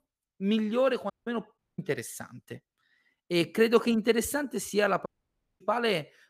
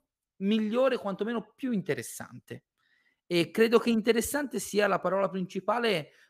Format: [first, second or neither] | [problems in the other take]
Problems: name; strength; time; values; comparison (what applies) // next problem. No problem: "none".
second | audio cutting out; at 1 s, at 1.5 s and at 5 s for 0.5 s